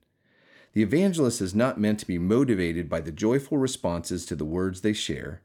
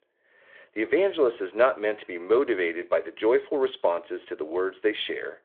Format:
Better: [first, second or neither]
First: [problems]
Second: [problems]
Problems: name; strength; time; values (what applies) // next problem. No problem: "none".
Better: first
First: none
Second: phone-call audio; nothing above 3.5 kHz